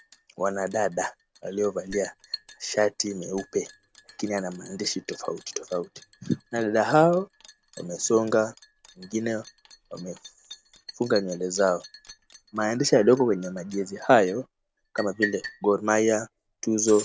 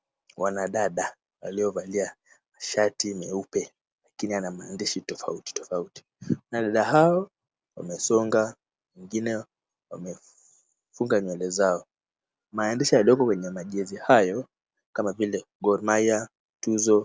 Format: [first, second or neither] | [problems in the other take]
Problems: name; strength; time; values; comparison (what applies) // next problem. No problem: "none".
second | background sound (Liquid); 18 dB below the speech